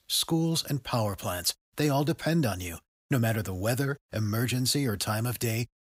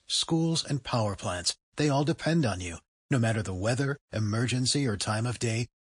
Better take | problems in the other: first | garbled, watery; slightly

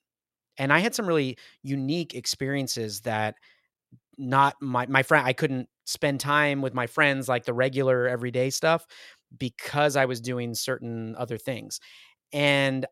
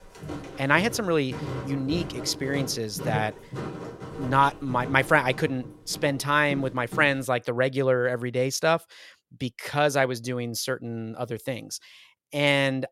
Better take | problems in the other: first | footsteps; noticeable; until 7 s; peak 7 dB below the speech

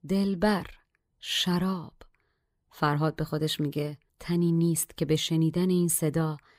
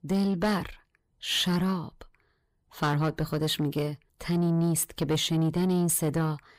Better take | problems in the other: first | distortion; slight; 10 dB below the speech

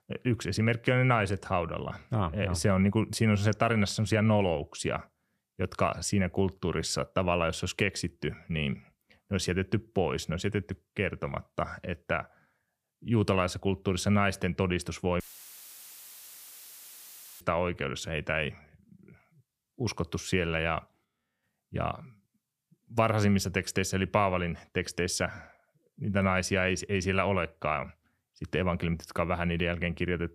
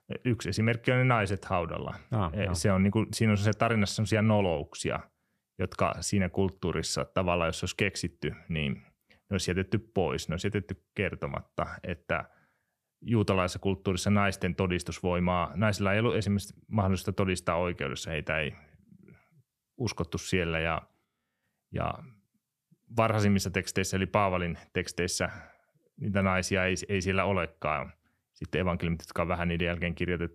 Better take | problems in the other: second | audio cutting out; filled with static; at 15 s for 2 s

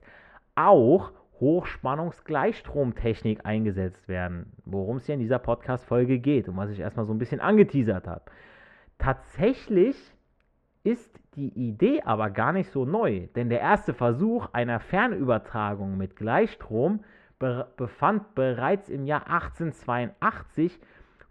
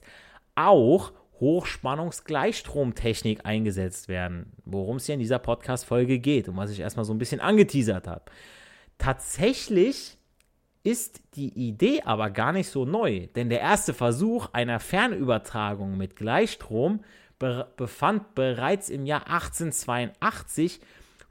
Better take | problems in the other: second | muffled; very; fading above 1.5 kHz

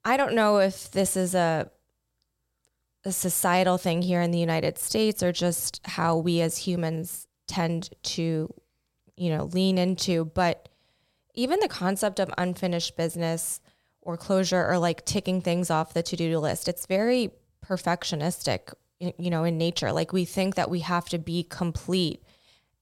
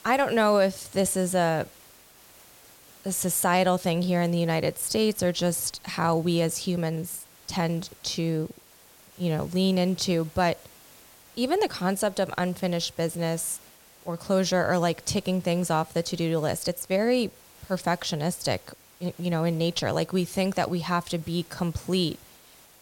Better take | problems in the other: first | hiss; faint; throughout; 25 dB below the speech

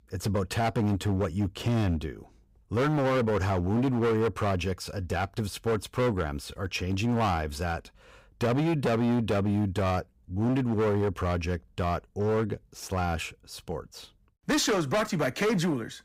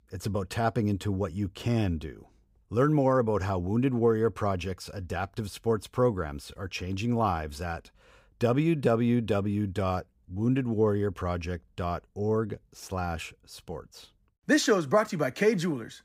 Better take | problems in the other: second | distortion; heavy; 15% of the sound clipped

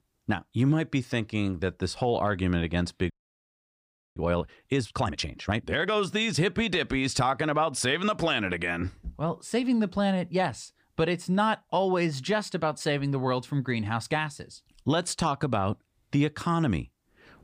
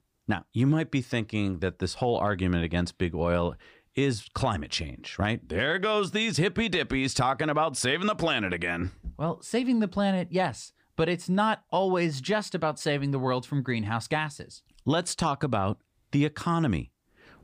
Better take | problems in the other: second | audio freezing; at 3 s for 1 s

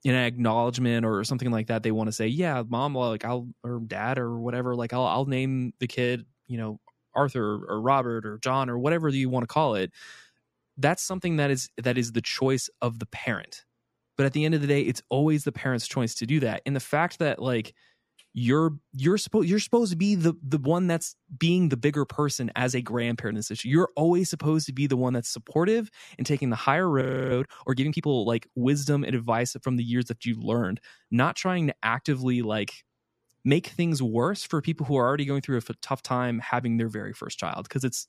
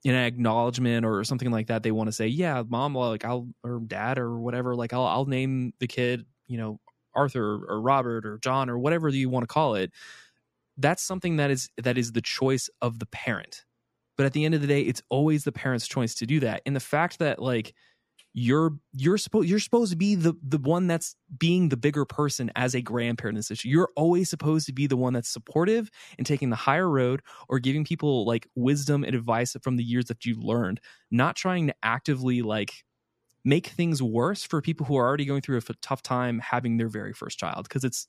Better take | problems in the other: second | audio freezing; at 27 s

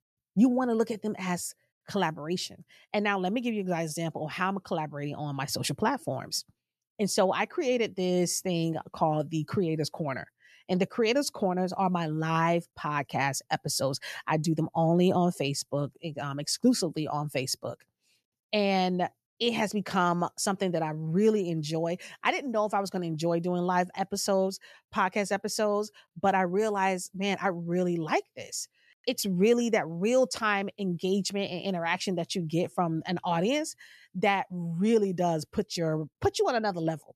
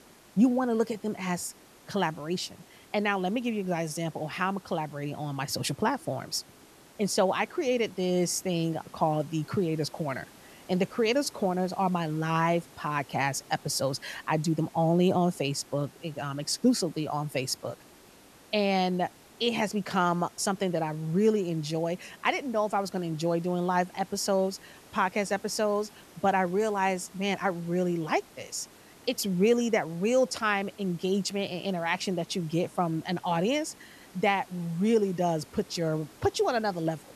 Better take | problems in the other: first | hiss; faint; throughout; 25 dB below the speech

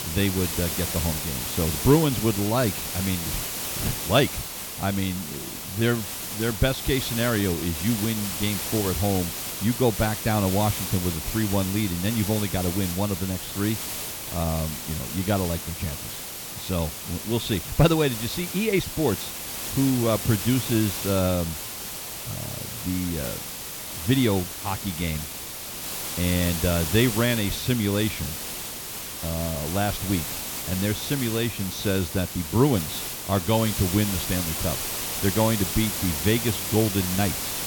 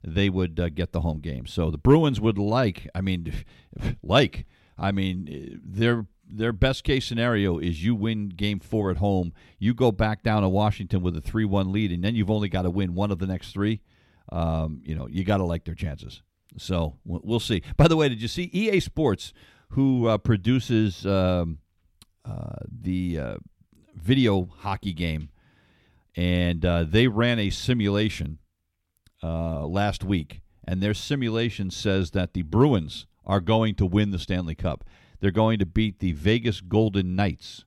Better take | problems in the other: second | hiss; loud; throughout; 4 dB below the speech

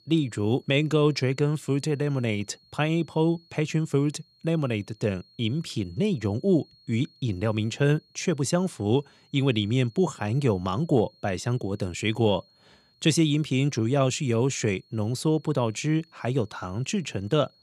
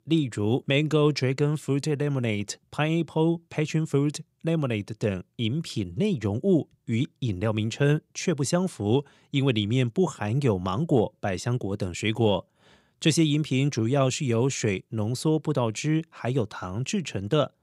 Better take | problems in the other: second | high-pitched whine; faint; throughout; 4.5 kHz, 30 dB below the speech

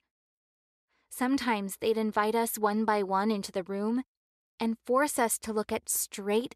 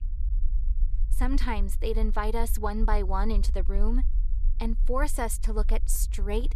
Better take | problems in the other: first | low rumble; faint; throughout; 20 dB below the speech

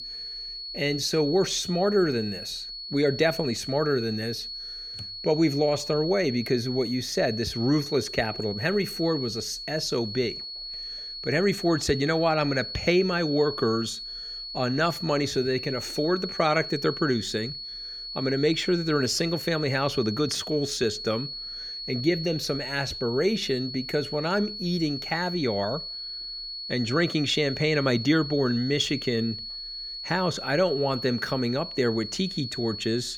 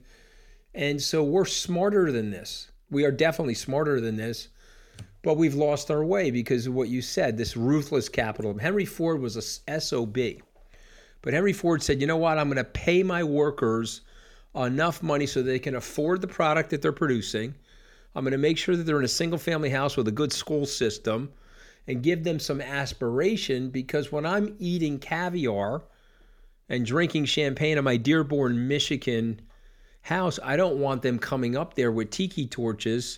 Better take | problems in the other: second | high-pitched whine; loud; throughout; 4.5 kHz, 8 dB below the speech

